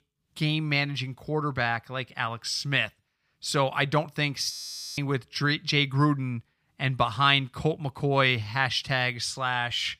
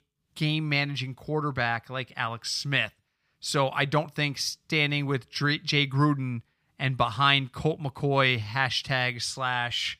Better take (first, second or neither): second